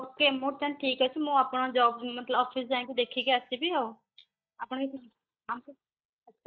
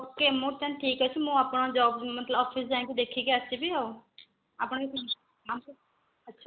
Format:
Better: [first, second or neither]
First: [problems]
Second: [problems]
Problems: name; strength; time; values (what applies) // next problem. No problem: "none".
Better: second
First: noise reduction (neural mask model DeepFilterNet 3)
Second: none